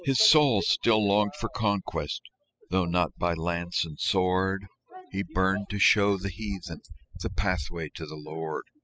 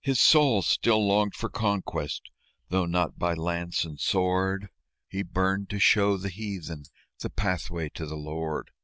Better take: second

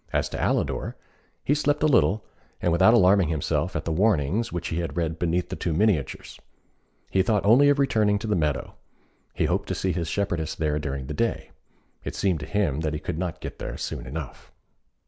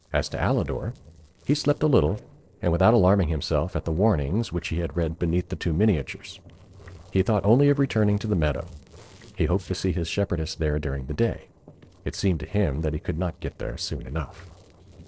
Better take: first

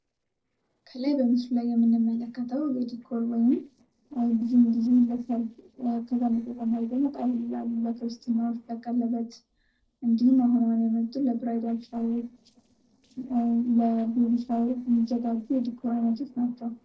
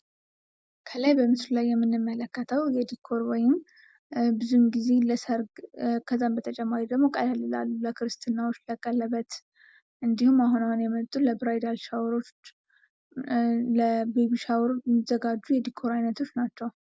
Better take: second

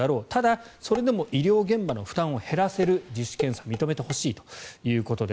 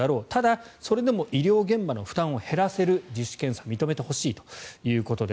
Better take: second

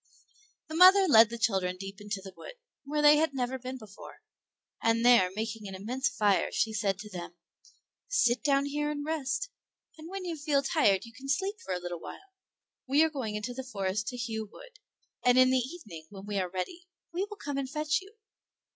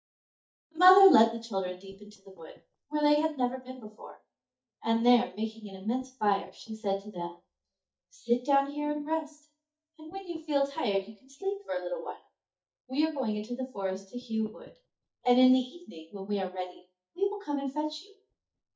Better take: first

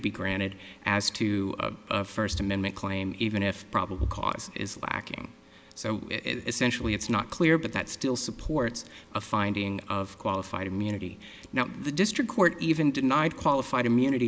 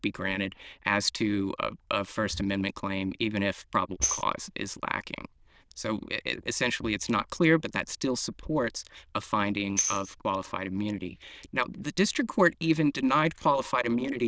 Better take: first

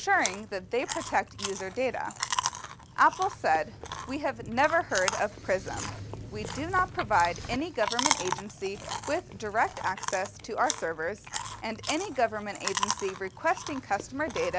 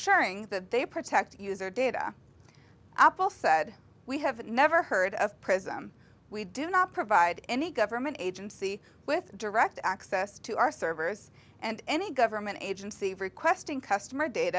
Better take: second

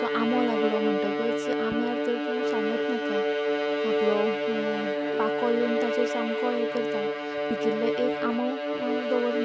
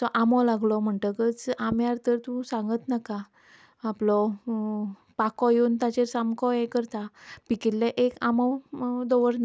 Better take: second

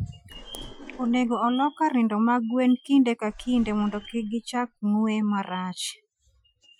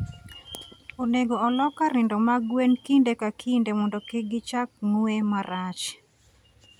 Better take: second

